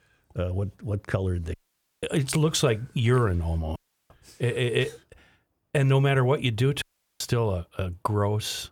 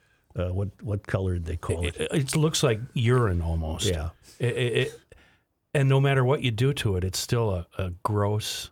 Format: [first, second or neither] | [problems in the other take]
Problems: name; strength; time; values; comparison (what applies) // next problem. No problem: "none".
second | audio cutting out; at 1.5 s, at 4 s and at 7 s